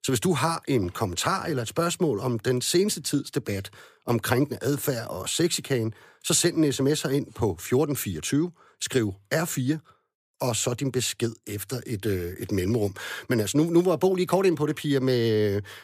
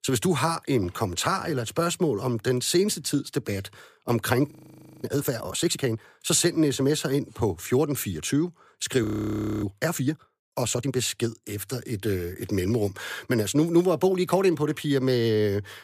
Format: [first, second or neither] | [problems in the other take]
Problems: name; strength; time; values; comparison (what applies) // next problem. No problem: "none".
first | audio freezing; at 4.5 s for 0.5 s and at 9 s for 0.5 s